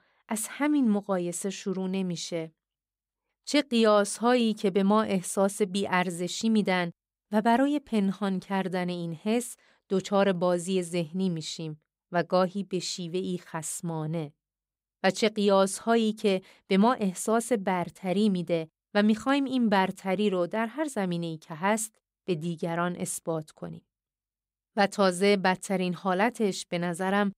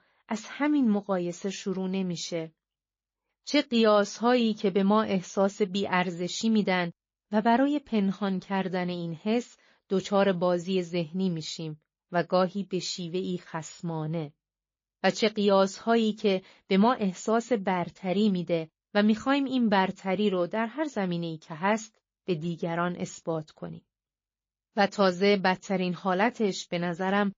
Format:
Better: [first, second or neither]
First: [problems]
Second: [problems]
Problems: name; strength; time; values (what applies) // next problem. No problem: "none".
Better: first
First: none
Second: garbled, watery; slightly